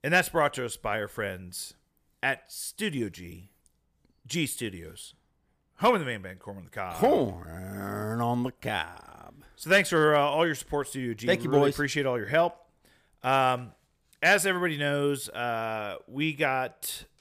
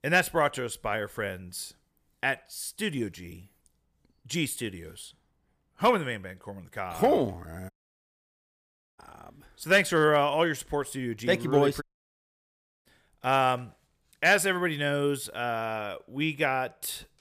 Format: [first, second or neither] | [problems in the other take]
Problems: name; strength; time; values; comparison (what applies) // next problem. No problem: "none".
first | audio cutting out; at 7.5 s for 1.5 s and at 12 s for 1 s